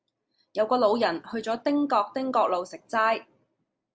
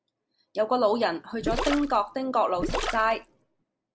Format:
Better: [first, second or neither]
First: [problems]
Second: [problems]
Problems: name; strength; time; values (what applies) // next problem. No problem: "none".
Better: first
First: none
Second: background sound (Gurgling); 5 dB below the speech